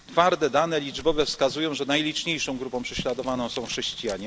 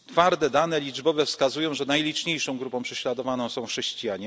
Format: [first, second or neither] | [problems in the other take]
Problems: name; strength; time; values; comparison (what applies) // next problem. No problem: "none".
second | background sound (Fire + Crumpling, crinkling); 16 dB below the speech